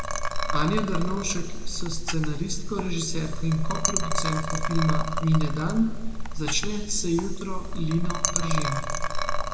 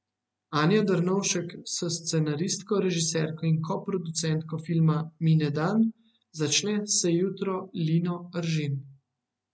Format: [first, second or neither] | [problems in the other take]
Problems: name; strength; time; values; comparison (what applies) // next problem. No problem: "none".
second | background sound (Liquid); 3 dB above the speech // room echo; dies away in 1.6 s